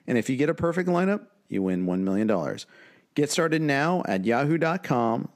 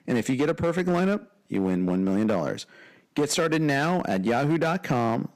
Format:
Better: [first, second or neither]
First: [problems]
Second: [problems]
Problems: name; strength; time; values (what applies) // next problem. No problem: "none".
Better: first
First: none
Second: distortion; slight; 8% of the sound clipped